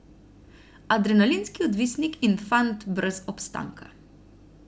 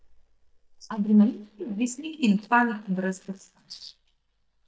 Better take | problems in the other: first | noise reduction (neural mask model DeepFilterNet 3)

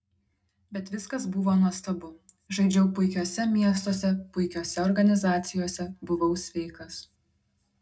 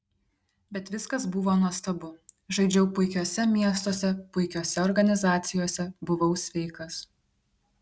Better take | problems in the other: second | room echo; dies away in 0.2 s

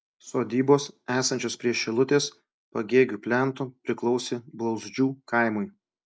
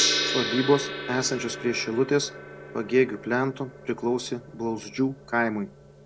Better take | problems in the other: first | background sound (Gong); 6 dB below the speech

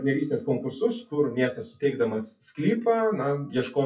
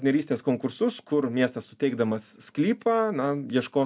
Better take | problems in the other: second | noise reduction (classical method WPE with log-MMSE)

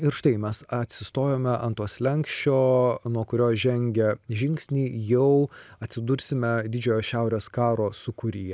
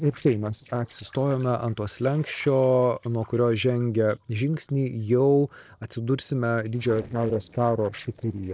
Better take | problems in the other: first | noise reduction (neural separator model SepFormer DNS4)

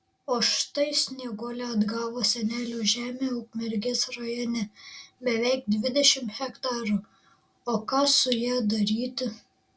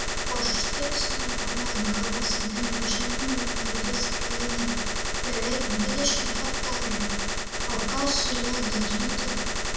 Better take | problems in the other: first | background sound (Gunshot, gunfire); 4 dB above the speech // room echo; dies away in 0.9 s

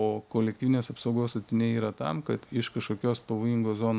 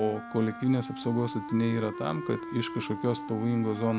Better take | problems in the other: first | background sound (Wind instrument, woodwind instrument); 10 dB below the speech

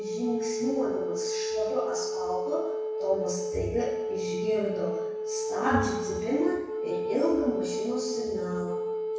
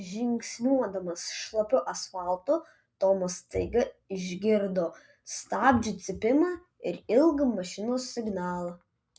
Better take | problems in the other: second | background sound (Wind instrument, woodwind instrument); as loud as the speech // room echo; dies away in 1 s

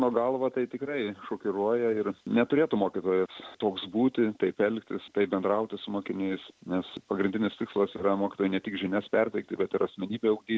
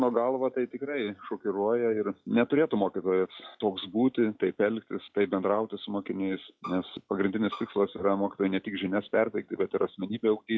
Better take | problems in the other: first | noise reduction (classical method log-MMSE)

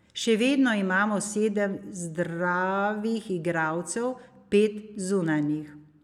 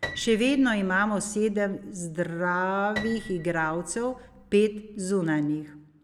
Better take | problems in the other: first | background sound (Piano); 16 dB below the speech

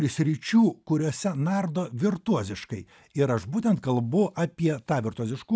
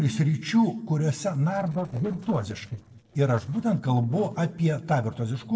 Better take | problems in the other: first | noise reduction (neural separator model SepFormer DNS4)

